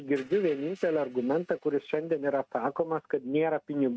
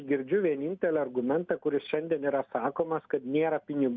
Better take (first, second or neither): second